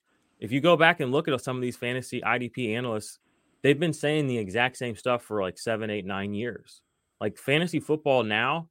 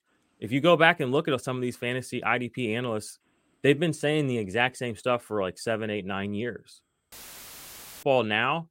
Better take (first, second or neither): first